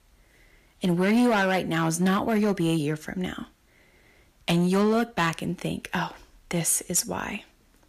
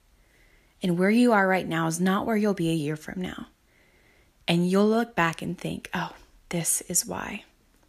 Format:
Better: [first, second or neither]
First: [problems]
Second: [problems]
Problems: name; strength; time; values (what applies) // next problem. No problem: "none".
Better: second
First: distortion; slight; 6% of the sound clipped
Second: none